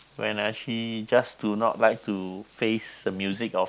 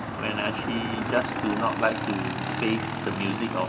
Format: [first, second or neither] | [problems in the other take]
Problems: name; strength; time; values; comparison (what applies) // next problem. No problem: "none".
first | background sound (Motorcycle / Engine); 1 dB below the speech // room echo; dies away in 0.5 s